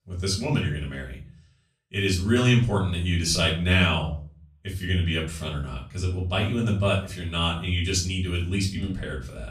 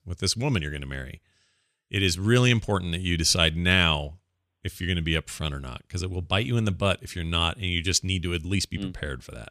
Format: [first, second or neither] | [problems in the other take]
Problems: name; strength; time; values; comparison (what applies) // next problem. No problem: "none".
second | off-mic speech; far // room echo; slight; dies away in 0.4 s